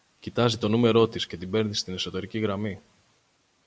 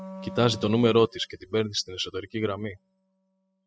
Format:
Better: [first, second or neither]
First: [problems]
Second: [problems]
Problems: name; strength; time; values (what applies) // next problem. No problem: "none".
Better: first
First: none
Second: noise reduction (classical method spectral subtraction)